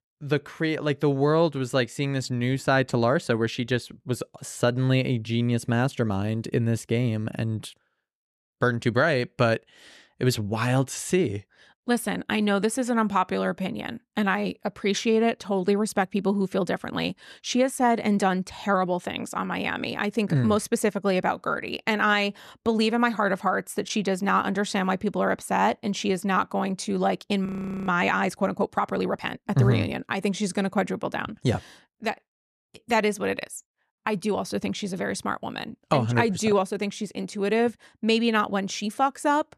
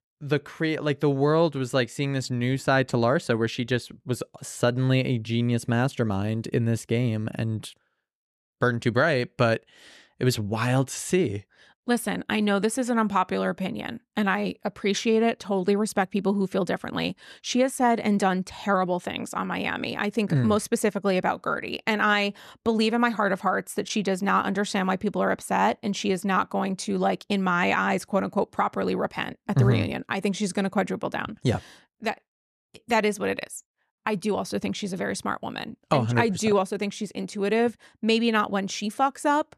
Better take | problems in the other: second | audio freezing; at 27 s

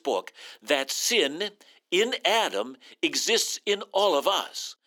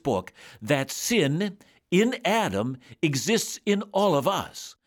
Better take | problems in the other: second | thin; somewhat; fading below 300 Hz

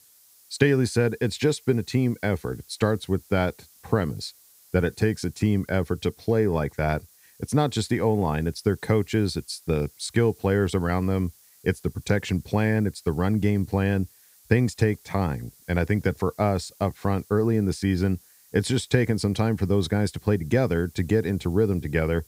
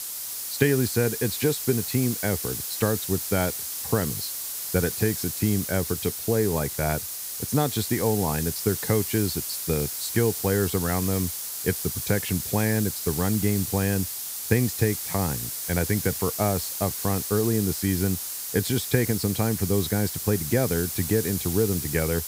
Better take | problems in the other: first | hiss; loud; throughout; 3 dB below the speech; faint in the first

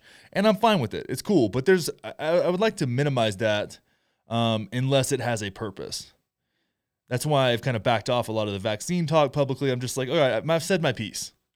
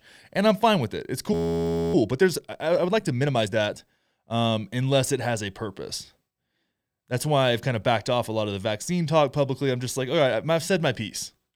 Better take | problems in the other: first | audio freezing; at 1.5 s for 0.5 s

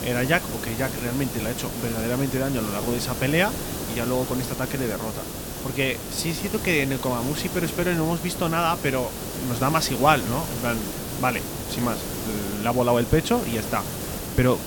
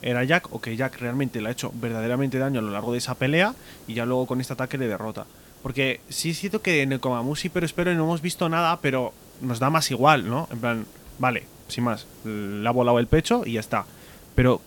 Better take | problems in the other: second | hiss; loud; throughout; 5 dB below the speech; faint in the second

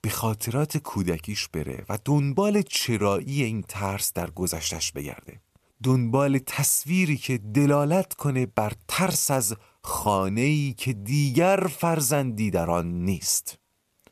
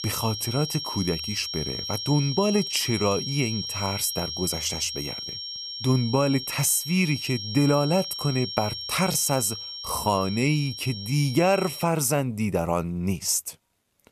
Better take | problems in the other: first | high-pitched whine; loud; until 12 s; 5.5 kHz, 6 dB below the speech

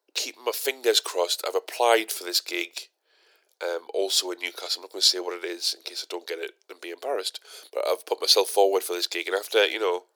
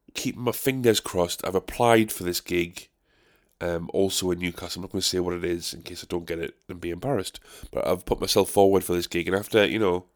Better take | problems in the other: second | thin; very; fading below 400 Hz

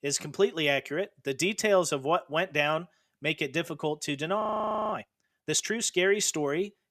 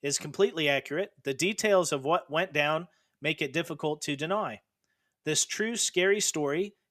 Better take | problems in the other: second | audio freezing; at 4.5 s for 0.5 s

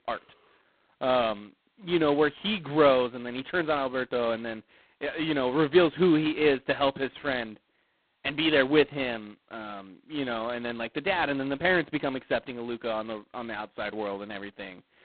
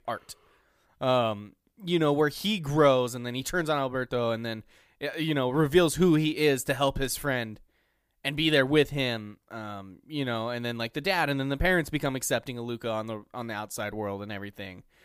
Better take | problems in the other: second | phone-call audio; poor line; nothing above 4 kHz

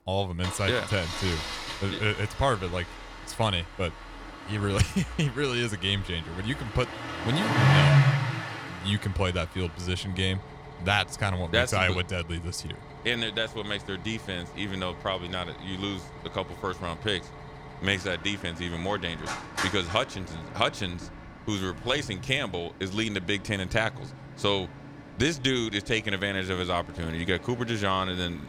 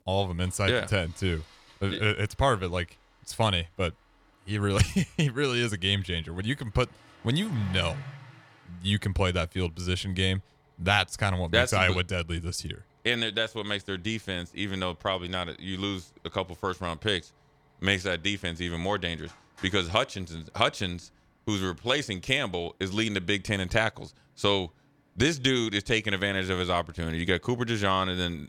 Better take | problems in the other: second | traffic noise; loud; throughout; 4 dB below the speech; faint in the second

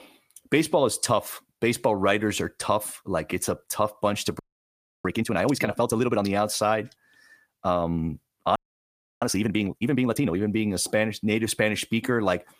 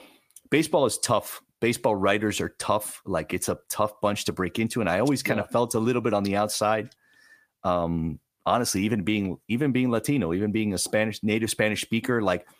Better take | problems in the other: second | audio freezing; at 4.5 s for 0.5 s and at 8.5 s for 0.5 s

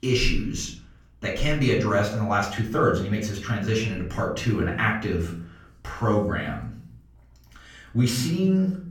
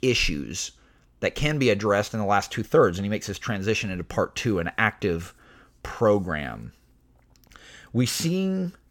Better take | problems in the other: second | off-mic speech; far // room echo; slight; dies away in 0.6 s

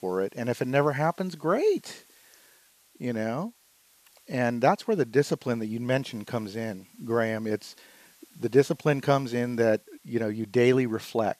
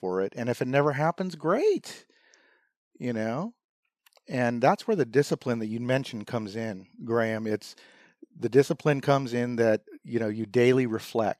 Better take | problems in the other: second | hiss; faint; throughout; 30 dB below the speech

